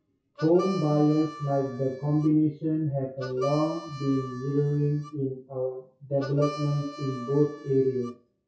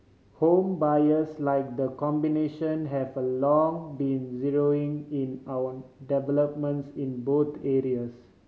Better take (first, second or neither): second